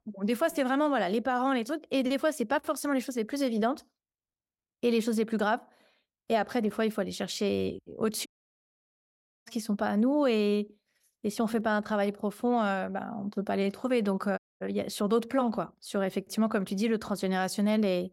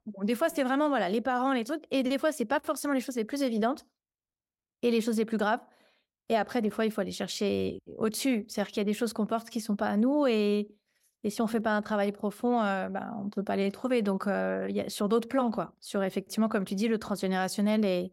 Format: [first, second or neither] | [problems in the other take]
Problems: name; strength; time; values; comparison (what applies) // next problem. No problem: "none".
second | audio cutting out; at 8.5 s for 1 s and at 14 s